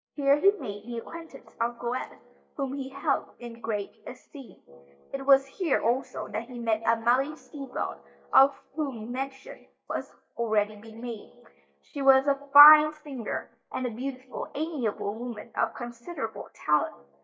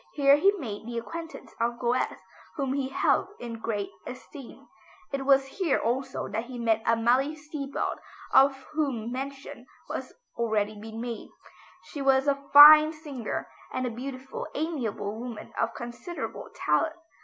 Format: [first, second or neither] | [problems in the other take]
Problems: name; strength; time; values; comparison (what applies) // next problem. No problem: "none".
second | noise reduction (neural mask model DeepFilterNet 3)